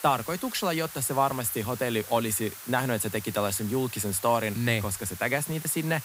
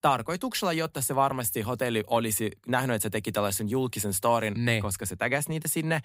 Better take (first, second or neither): second